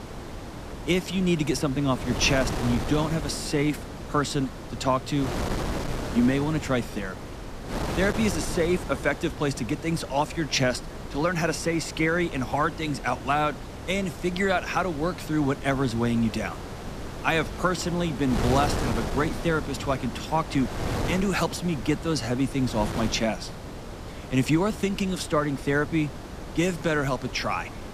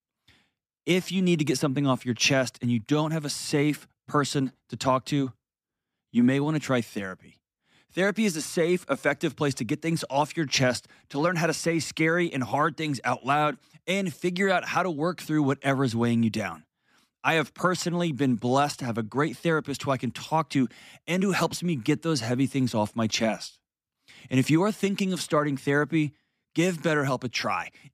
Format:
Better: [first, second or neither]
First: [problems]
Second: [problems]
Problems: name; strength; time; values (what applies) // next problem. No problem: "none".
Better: second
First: wind noise on the microphone; heavy; 9 dB below the speech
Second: none